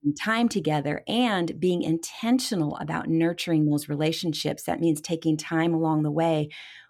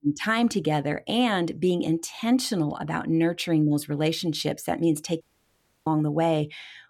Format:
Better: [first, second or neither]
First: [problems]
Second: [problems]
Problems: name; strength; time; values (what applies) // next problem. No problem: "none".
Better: first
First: none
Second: audio cutting out; at 5 s for 0.5 s